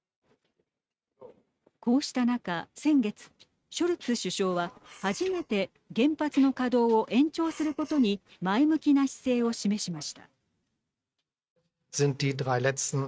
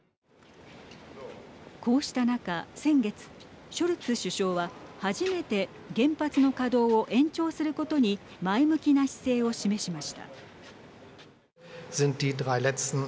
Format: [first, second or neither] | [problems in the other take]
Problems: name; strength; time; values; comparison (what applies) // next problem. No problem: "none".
second | noise reduction (neural mask model RNNoise)